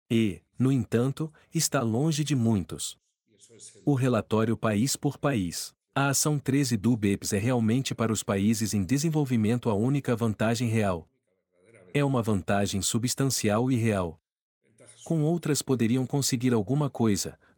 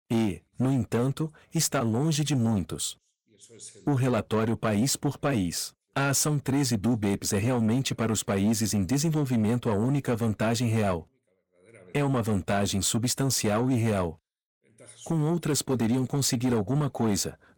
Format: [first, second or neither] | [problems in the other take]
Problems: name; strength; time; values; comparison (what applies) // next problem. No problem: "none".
first | distortion; slight; 10 dB below the speech